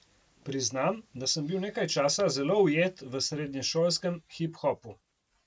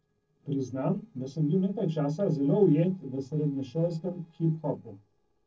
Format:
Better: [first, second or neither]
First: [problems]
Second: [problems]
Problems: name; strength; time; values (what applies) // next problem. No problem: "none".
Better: first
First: none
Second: noise reduction (neural separator model SepFormer DNS4)